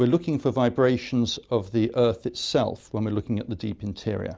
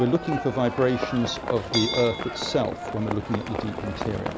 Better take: first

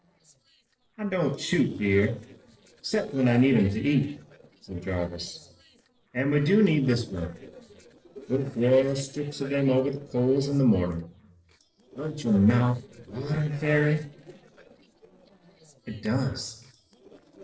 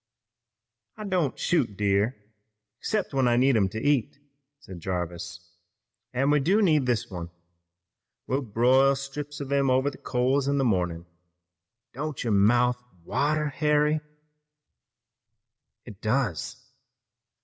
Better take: second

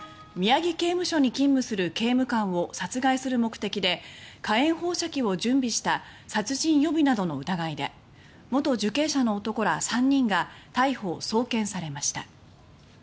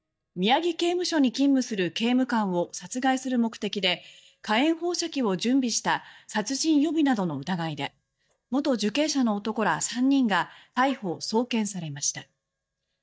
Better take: first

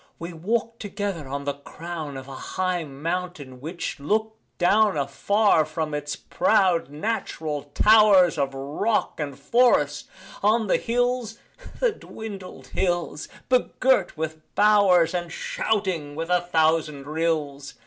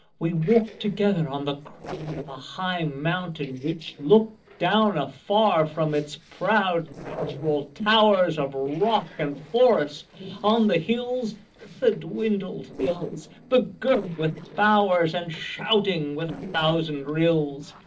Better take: first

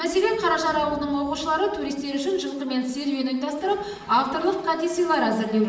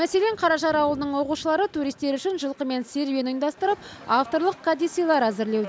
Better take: second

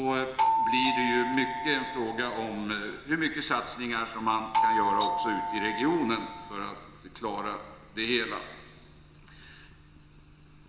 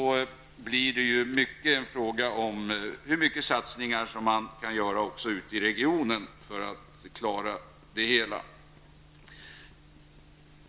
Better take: second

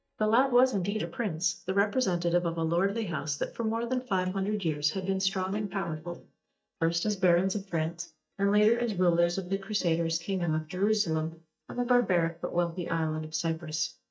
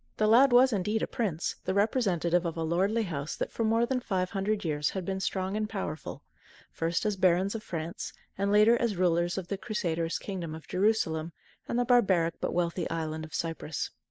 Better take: second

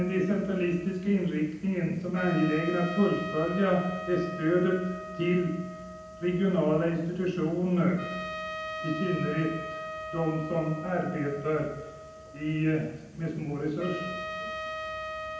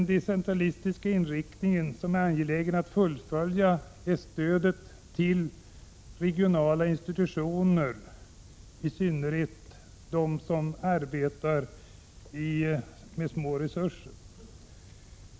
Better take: second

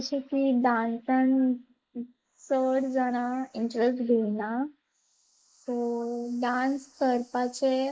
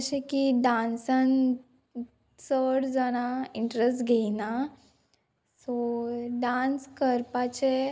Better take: second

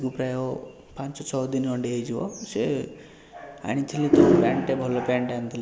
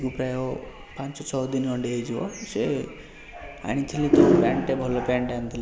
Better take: first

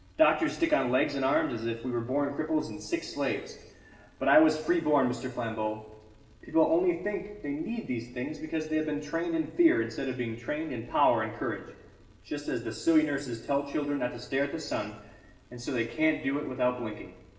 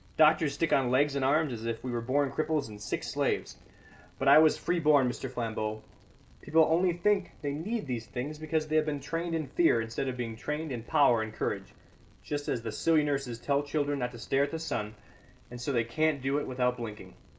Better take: second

